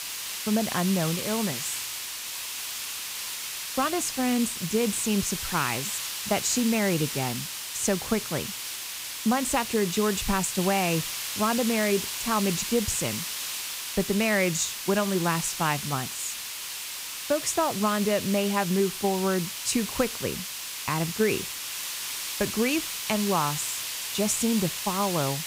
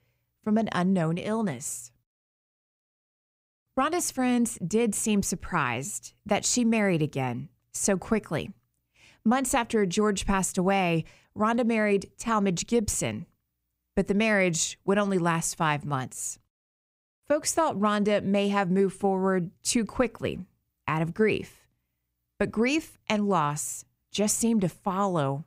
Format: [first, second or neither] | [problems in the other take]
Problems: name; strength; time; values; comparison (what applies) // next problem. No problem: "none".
second | hiss; loud; throughout; 4 dB below the speech